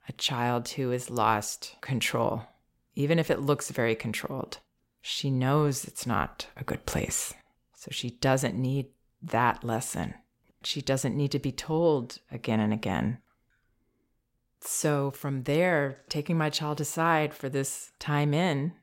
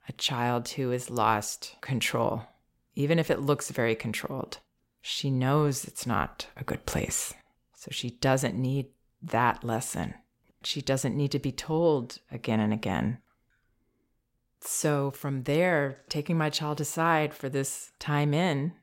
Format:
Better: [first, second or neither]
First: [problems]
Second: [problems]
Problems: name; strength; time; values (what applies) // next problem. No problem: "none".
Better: neither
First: none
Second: none